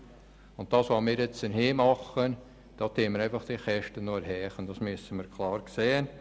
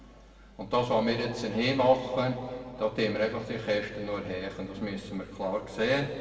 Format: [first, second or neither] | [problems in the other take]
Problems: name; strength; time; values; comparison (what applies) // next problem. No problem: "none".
first | room echo; dies away in 2.2 s